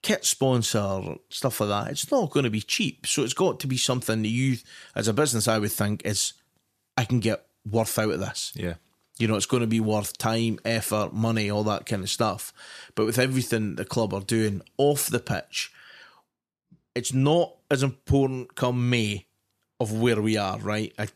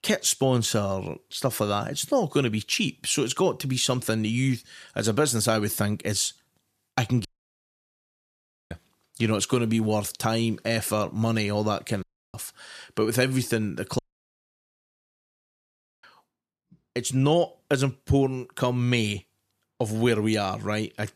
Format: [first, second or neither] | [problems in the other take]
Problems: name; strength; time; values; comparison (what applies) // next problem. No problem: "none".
first | audio cutting out; at 7.5 s for 1.5 s, at 12 s and at 14 s for 2 s